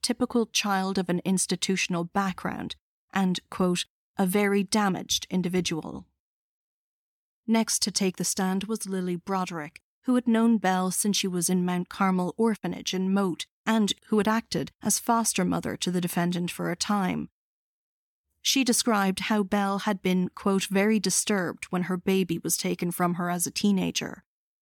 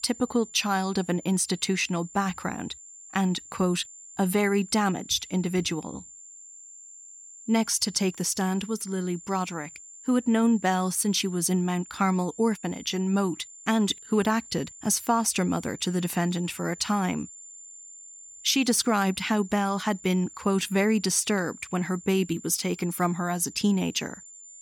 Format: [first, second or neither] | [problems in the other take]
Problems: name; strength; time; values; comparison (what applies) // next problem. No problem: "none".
first | high-pitched whine; noticeable; throughout; 7 kHz, 20 dB below the speech